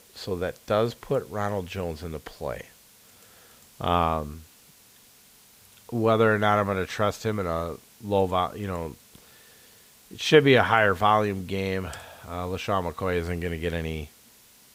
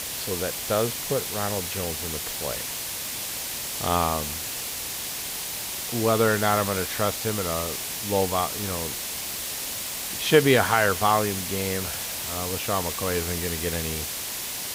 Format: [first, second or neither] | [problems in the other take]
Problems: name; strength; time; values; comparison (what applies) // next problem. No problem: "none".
first | hiss; loud; throughout; 3 dB below the speech; faint in the first